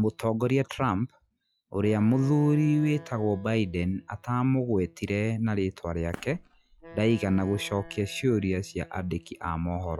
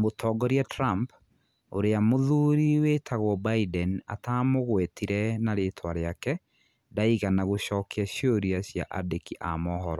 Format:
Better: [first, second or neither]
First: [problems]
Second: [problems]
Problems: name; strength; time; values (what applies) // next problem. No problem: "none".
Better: second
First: noise reduction (classical method log-MMSE)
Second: none